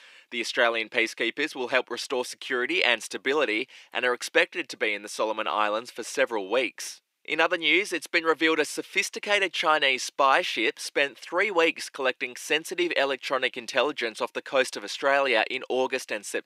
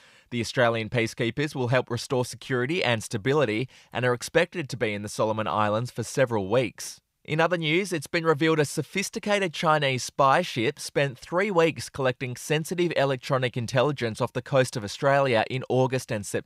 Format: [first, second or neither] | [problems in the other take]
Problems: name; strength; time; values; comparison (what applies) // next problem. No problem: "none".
second | thin; somewhat; fading below 300 Hz